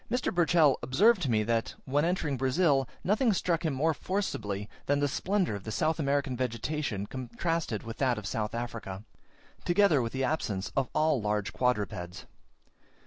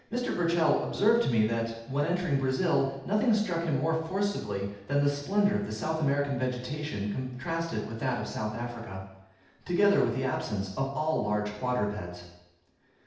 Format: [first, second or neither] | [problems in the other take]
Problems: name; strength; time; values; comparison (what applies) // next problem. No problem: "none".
first | room echo; dies away in 0.8 s